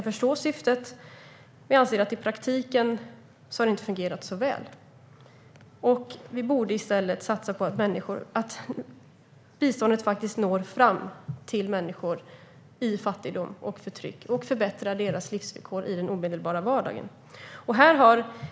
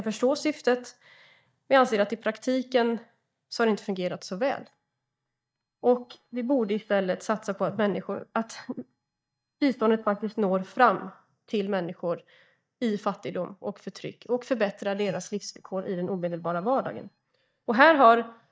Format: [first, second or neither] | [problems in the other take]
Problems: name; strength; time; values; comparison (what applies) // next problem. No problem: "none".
first | noise reduction (neural mask model DeepFilterNet 3)